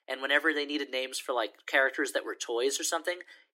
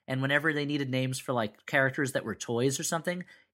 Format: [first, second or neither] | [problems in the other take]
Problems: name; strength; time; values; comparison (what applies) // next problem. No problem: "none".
second | thin; somewhat; fading below 300 Hz